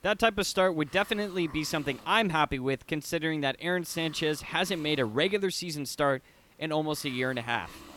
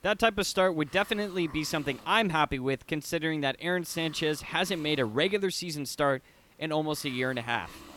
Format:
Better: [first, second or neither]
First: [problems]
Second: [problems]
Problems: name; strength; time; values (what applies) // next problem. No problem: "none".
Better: neither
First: hiss; faint; throughout; 20 dB below the speech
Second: hiss; faint; throughout; 20 dB below the speech